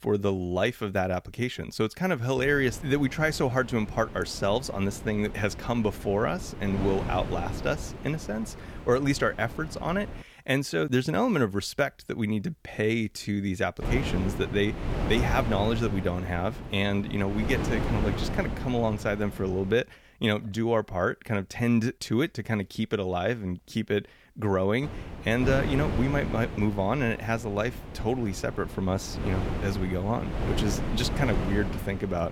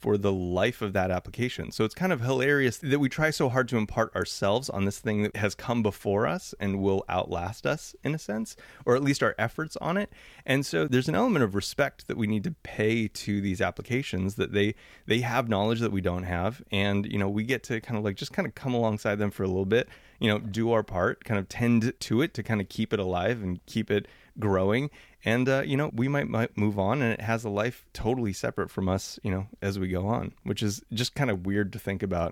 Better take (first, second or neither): second